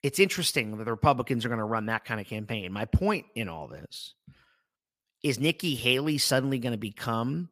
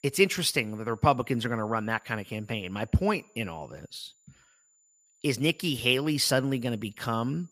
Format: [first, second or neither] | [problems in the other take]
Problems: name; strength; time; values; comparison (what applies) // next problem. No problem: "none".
first | high-pitched whine; faint; throughout; 7 kHz, 35 dB below the speech